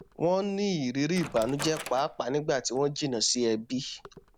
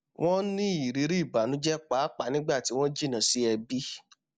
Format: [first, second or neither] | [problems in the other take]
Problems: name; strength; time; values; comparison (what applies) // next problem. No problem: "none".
second | background sound (Wood); 17 dB below the speech